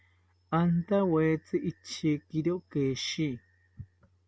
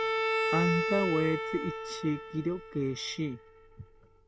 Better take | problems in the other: first | background sound (Bowed string instrument); 1 dB below the speech

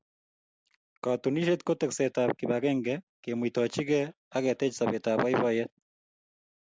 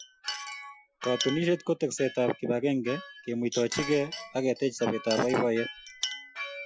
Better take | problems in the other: first | noise reduction (classical method Wiener filter)

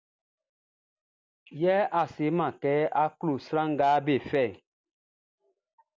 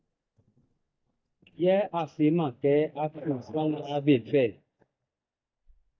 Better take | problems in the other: first | noise reduction (neural mask model DeepFilterNet 3)

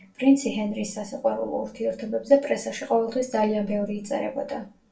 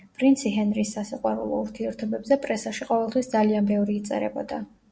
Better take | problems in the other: second | room echo; dies away in 0.2 s

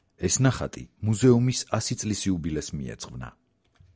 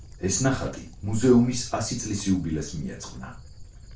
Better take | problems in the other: first | background sound (Dog); 18 dB below the speech // room echo; dies away in 0.3 s

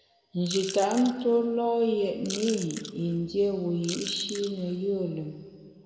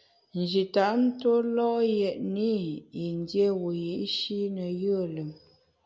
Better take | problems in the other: second | background sound (Chewing, mastication / Crushing); 13 dB below the speech // room echo; dies away in 2.1 s

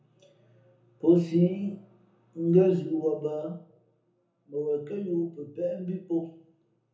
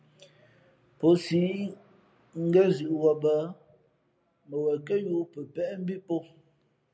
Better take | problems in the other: second | room echo; dies away in 0.6 s

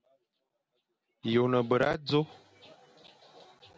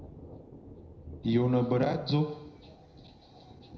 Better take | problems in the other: first | background sound (Thunder); 18 dB below the speech // room echo; dies away in 0.8 s

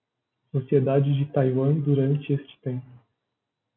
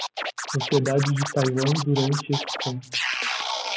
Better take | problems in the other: first | background sound (Scratching (performance technique)); 5 dB below the speech

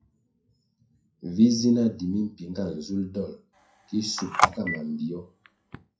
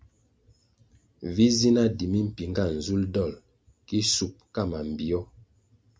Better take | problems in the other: second | noise reduction (classical method WPE with log-MMSE)

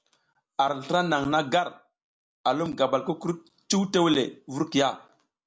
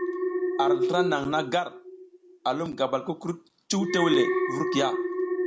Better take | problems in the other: first | background sound (Alarm); as loud as the speech

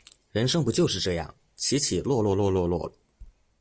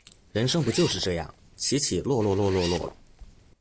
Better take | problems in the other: first | background sound (Zipper (clothing)); 14 dB below the speech

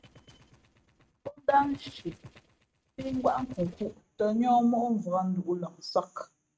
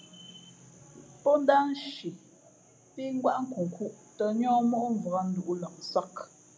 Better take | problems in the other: second | noise reduction (neural mask model RNNoise)

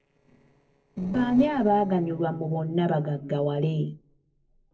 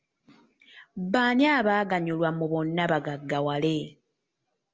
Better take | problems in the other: second | noise reduction (neural separator model SepFormer DNS4)

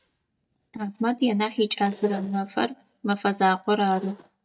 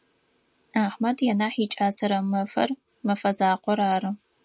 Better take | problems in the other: second | noise reduction (neural mask model DeepFilterNet 3)

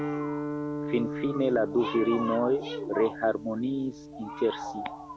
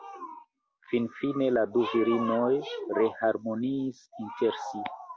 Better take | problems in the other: second | background sound (Guitar); 7 dB below the speech

